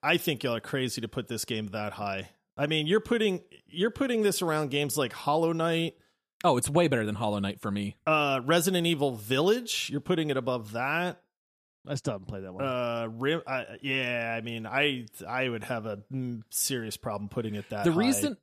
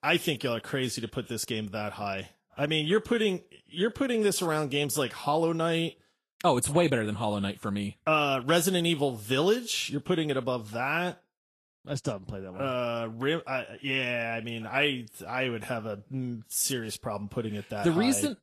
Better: first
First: none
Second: garbled, watery; slightly; nothing above 12.5 kHz

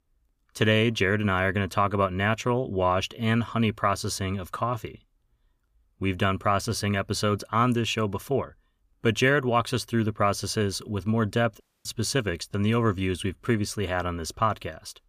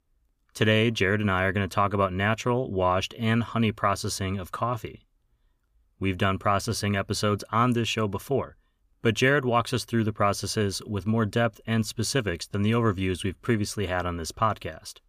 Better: second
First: audio cutting out; at 12 s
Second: none

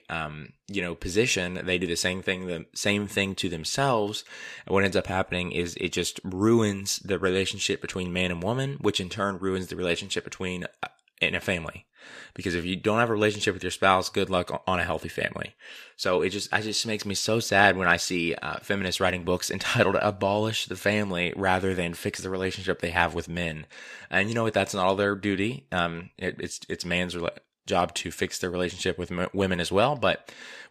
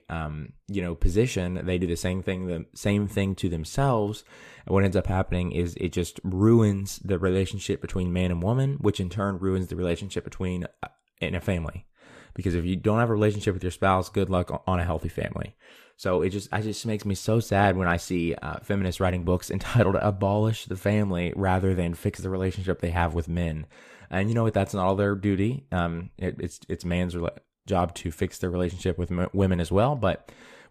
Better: second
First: thin; very slightly; fading below 300 Hz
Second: none

